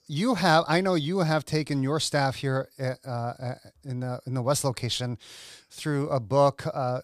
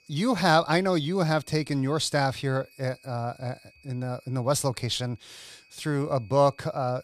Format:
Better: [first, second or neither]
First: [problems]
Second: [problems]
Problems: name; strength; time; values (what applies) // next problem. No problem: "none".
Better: first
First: none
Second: high-pitched whine; faint; throughout; 2.5 kHz, 30 dB below the speech